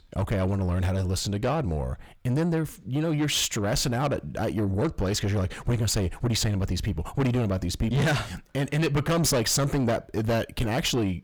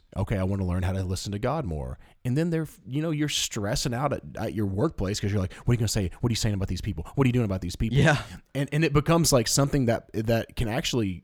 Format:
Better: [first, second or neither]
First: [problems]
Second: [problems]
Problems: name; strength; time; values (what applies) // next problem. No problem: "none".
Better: second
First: distortion; heavy; 8 dB below the speech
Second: none